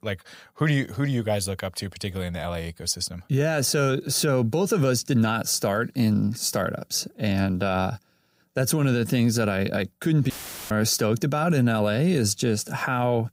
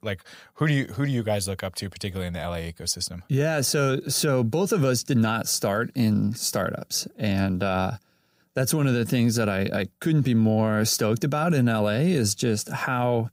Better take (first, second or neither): second